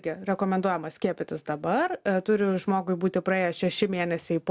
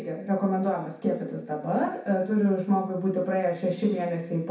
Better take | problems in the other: first | room echo; dies away in 0.6 s

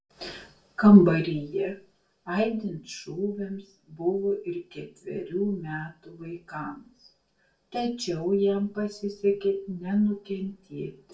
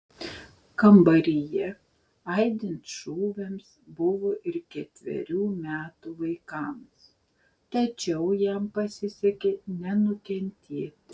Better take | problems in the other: second | room echo; dies away in 0.3 s

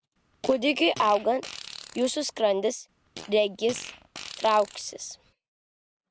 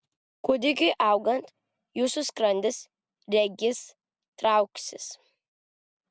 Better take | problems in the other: second | background sound (Fart); 16 dB below the speech

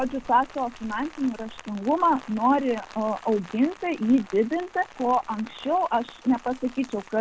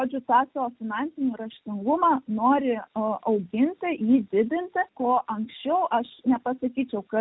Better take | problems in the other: second | background sound (Rain); 19 dB below the speech

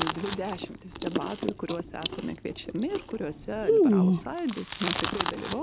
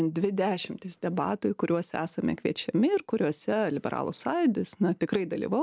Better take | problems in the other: second | background sound (Chewing, mastication); 4 dB above the speech

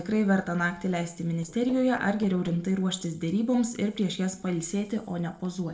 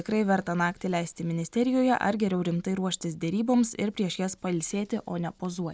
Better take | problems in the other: second | noise reduction (neural separator model SepFormer DNS4)

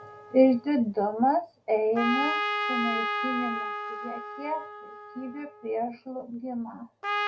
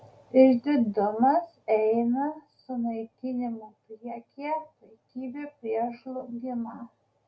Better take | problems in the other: second | background sound (Trumpet); 5 dB below the speech

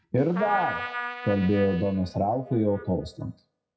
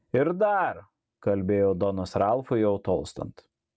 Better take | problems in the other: second | noise reduction (classical method WPE with log-MMSE)

